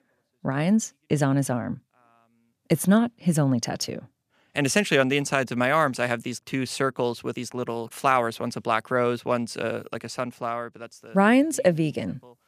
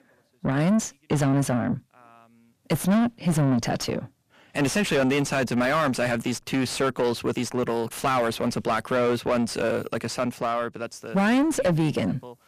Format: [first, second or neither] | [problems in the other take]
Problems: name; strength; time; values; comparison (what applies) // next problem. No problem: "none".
first | distortion; heavy; 6 dB below the speech